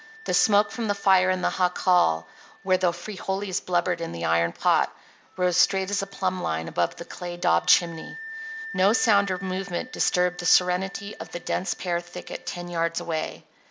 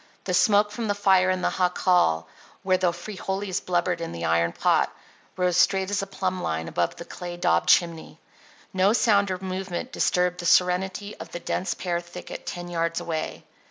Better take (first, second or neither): second